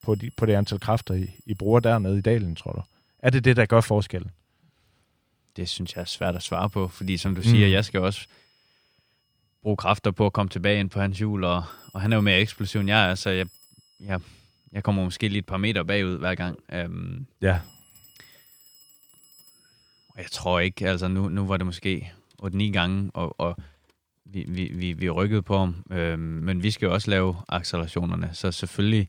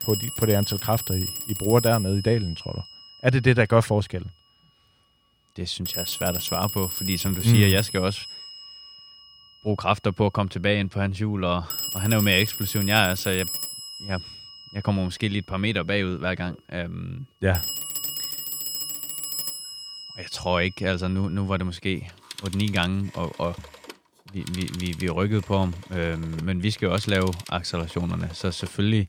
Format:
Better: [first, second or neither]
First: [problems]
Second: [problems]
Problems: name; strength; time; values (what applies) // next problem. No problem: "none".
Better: first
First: alarms or sirens; faint; throughout; 30 dB below the speech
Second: alarms or sirens; loud; throughout; 5 dB below the speech